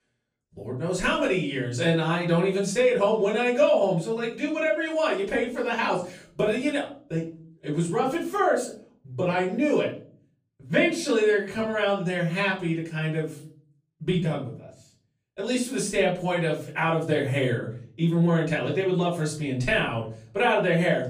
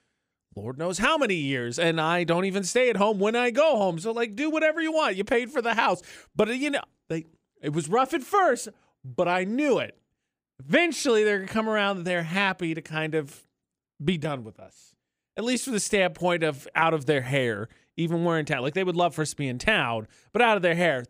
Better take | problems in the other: second | off-mic speech; far // room echo; slight; dies away in 0.4 s

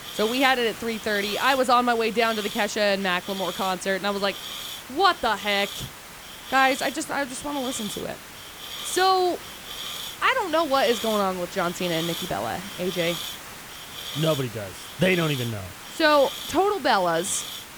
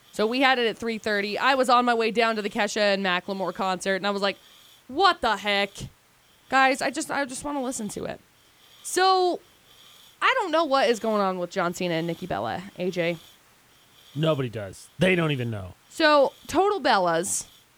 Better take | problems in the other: second | hiss; loud; throughout; 10 dB below the speech; faint in the second

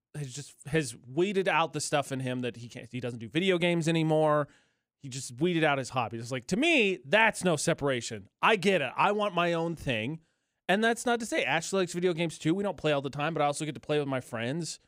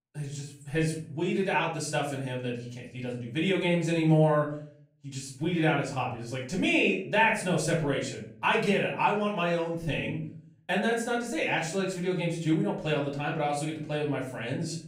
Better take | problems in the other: first | off-mic speech; far // room echo; slight; dies away in 0.5 s

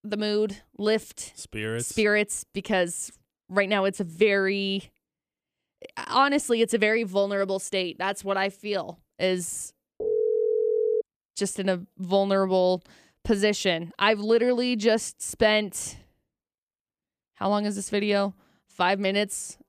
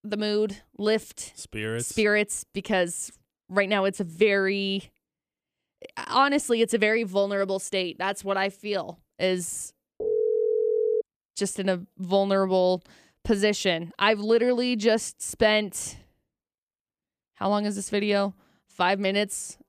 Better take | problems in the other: neither | phone ringing; loud; from 10 to 11 s; peak 1 dB above the speech; the same in both

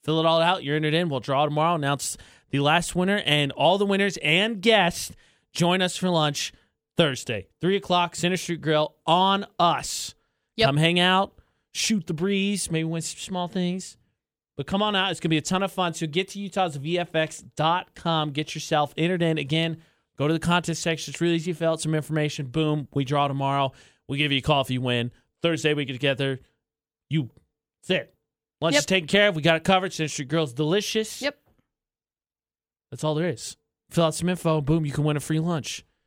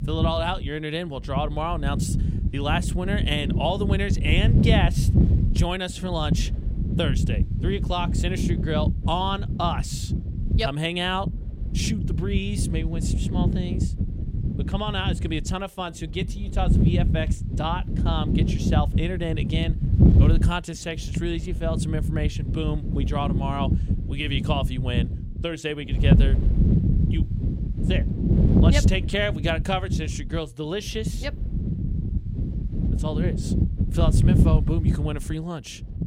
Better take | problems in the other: first | wind noise on the microphone; heavy; 6 dB below the speech

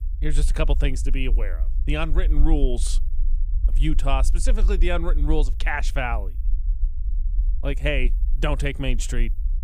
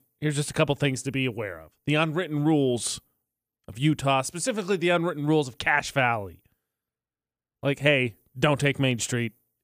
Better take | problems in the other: second | low rumble; faint; throughout; 20 dB below the speech

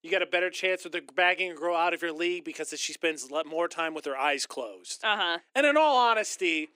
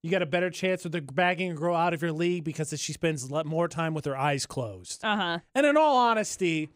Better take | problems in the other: second | thin; somewhat; fading below 300 Hz

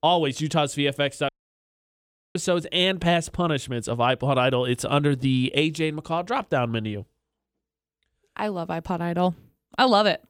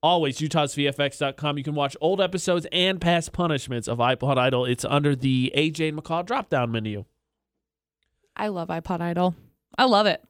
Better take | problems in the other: second | audio cutting out; at 1.5 s for 1 s

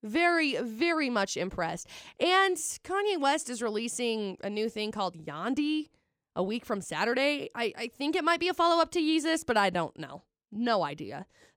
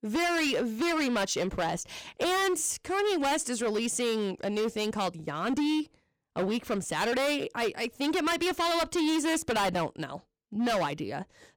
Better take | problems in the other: first | distortion; heavy; 19% of the sound clipped

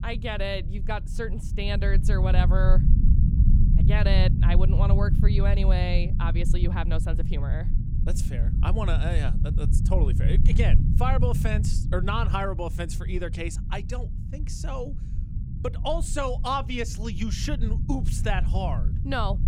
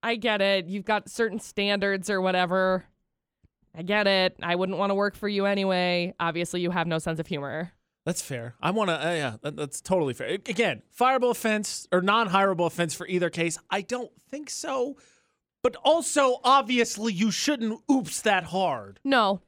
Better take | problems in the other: second | low rumble; loud; throughout; 8 dB below the speech

